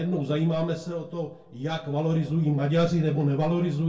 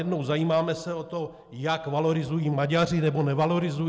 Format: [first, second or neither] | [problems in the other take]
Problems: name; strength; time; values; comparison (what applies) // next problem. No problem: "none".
second | room echo; dies away in 0.2 s